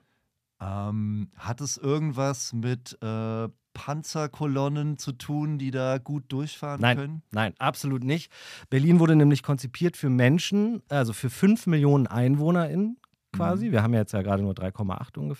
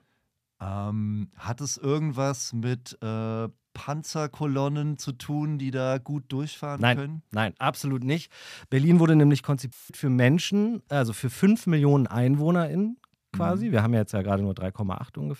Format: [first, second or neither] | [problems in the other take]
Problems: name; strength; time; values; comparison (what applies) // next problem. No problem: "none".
first | audio cutting out; filled with static; at 9.5 s